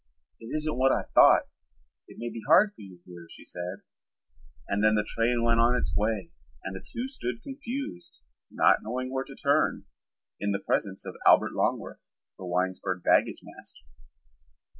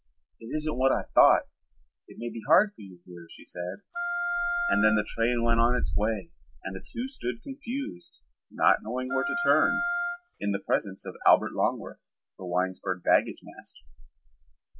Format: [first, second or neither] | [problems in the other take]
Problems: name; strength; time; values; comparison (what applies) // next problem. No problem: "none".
first | background sound (Wind instrument, woodwind instrument); 4 dB below the speech